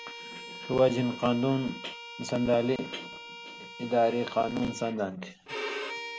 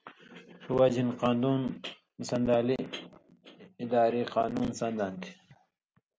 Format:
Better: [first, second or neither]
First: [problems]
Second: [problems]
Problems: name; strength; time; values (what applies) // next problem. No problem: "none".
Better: second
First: background sound (Bowed string instrument); 12 dB below the speech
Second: none